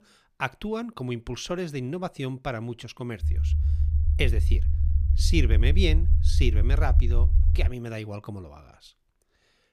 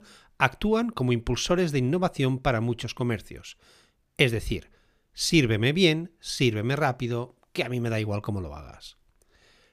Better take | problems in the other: second | low rumble; noticeable; from 3 to 7.5 s; 10 dB below the speech

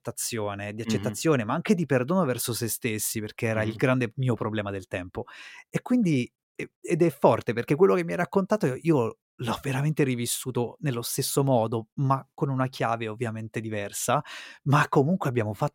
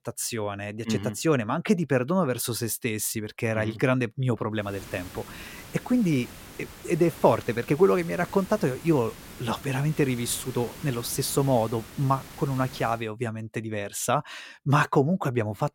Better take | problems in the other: first | hiss; noticeable; from 4.5 to 13 s; 15 dB below the speech

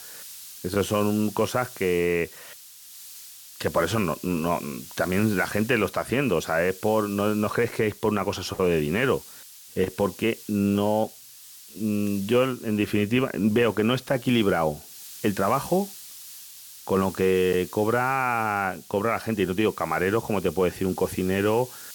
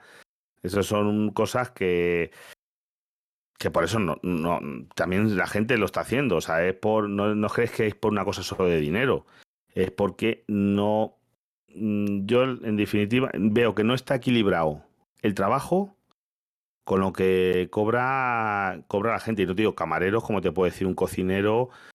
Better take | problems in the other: second | hiss; noticeable; throughout; 15 dB below the speech

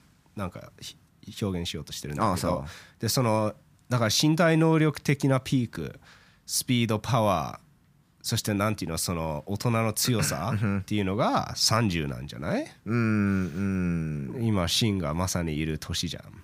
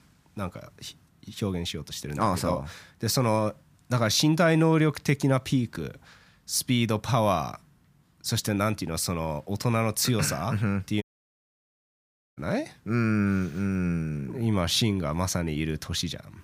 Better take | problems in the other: first | audio cutting out; at 11 s for 1.5 s

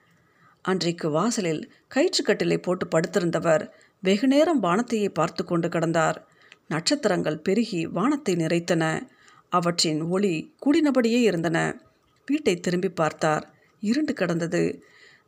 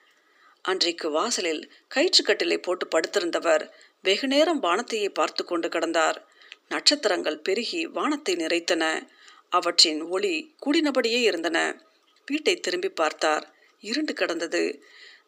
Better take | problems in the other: first | thin; somewhat; fading below 300 Hz

